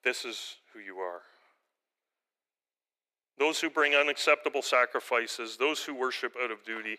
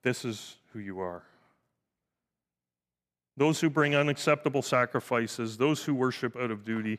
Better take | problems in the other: second | thin; very; fading below 400 Hz

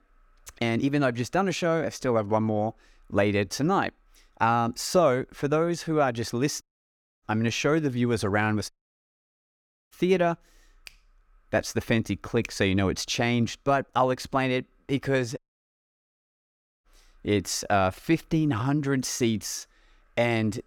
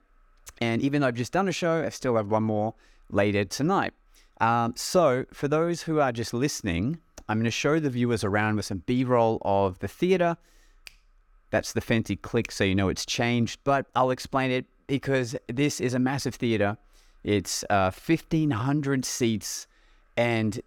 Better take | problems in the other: second | audio cutting out; at 6.5 s for 0.5 s, at 8.5 s for 1 s and at 15 s for 1.5 s

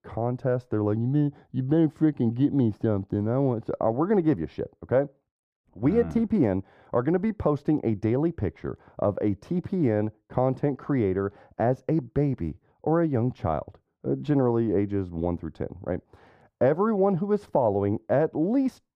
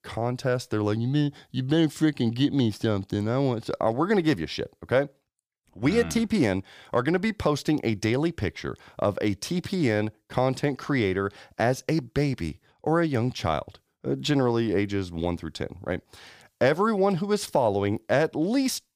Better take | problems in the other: second | muffled; very; fading above 2 kHz

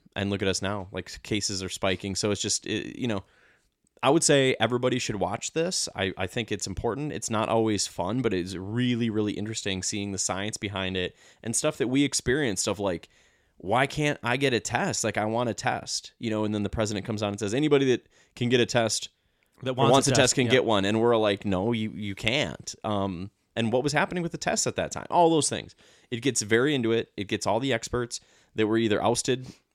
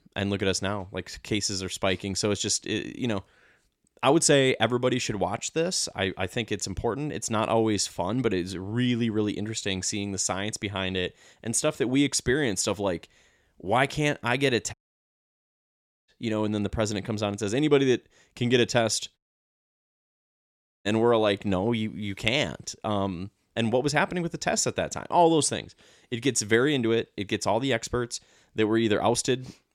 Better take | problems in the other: first | audio cutting out; at 15 s for 1.5 s and at 19 s for 1.5 s

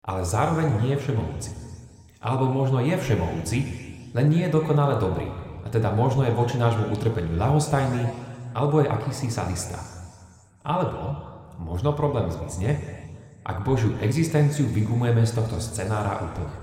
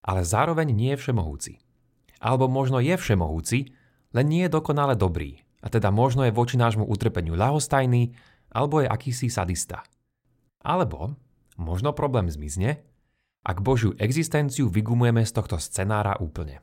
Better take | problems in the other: second | room echo; slight; dies away in 2 s

